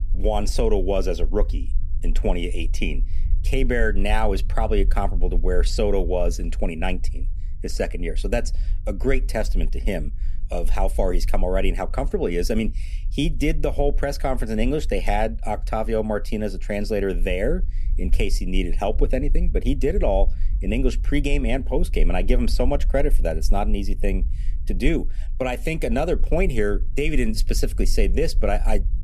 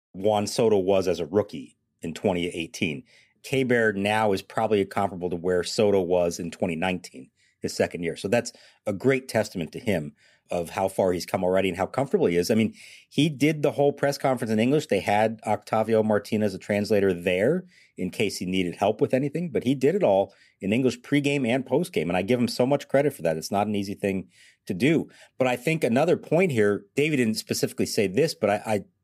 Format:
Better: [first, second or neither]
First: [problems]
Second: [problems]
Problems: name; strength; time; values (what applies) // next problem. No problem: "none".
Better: second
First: low rumble; faint; throughout; 25 dB below the speech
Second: none